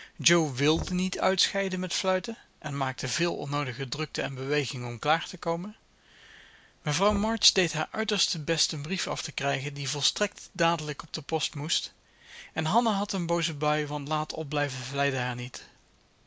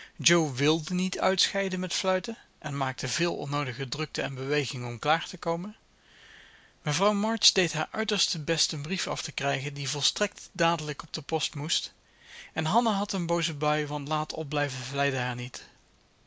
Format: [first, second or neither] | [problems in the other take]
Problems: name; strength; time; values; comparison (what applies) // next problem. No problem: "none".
second | background sound (Knock); 17 dB below the speech